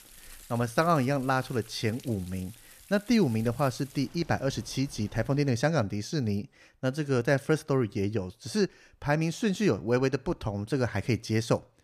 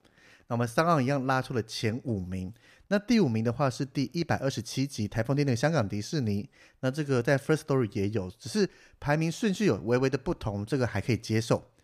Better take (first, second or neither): second